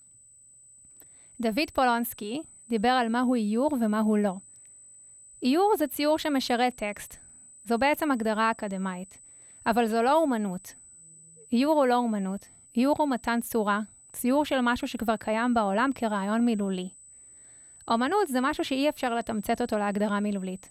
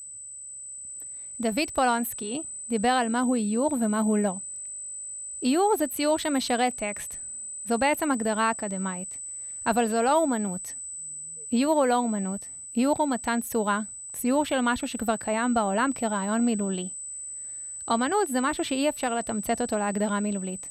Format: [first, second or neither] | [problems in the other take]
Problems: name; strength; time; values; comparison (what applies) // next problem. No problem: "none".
first | high-pitched whine; loud; throughout; 8 kHz, 9 dB below the speech; faint in the first